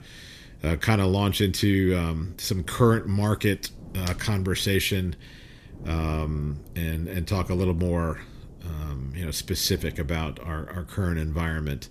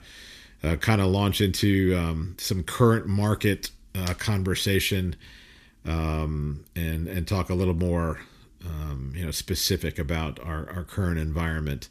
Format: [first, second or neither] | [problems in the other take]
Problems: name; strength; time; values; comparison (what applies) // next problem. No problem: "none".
second | wind noise on the microphone; occasional gusts; 25 dB below the speech